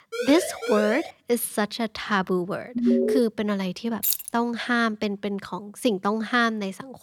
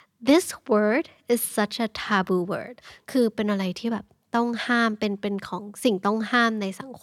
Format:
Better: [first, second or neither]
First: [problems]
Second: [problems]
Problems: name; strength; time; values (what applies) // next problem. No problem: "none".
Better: second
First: siren; noticeable; at the start; peak 4 dB below the speech // alarm; loud; at 3 s; peak 4 dB above the speech // jangling keys; loud; at 4 s; peak 1 dB above the speech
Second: none